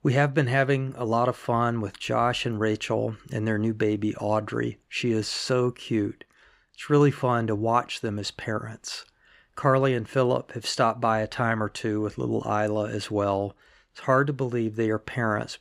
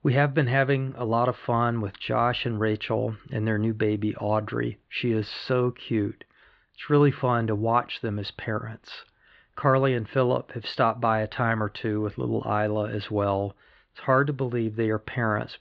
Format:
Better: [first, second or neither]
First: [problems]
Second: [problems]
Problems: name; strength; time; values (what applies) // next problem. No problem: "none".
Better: first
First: none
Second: muffled; slightly; fading above 4 kHz